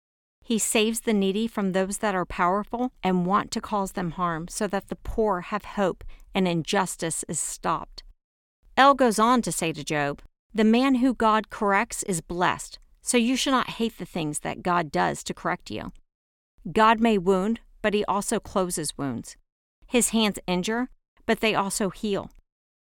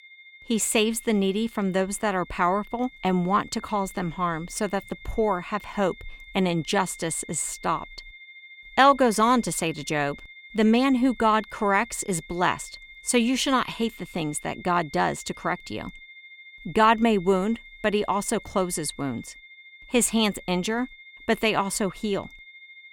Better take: first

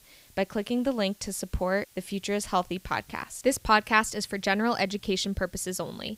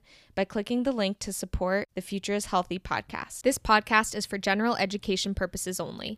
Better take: second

